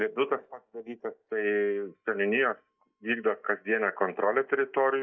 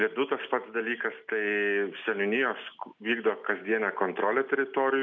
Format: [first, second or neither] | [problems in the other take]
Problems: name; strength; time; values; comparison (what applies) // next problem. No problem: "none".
second | noise reduction (neural mask model DeepFilterNet 3)